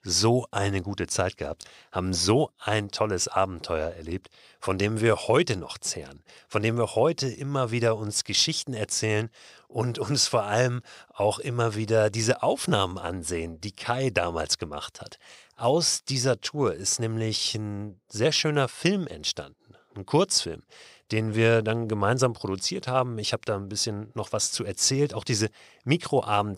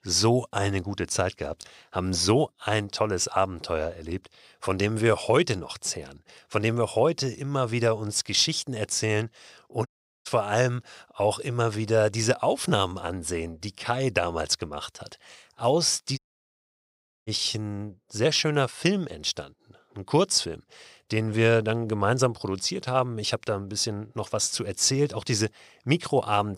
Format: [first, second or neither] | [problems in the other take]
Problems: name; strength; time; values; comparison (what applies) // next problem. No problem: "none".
first | audio cutting out; at 10 s and at 16 s for 1 s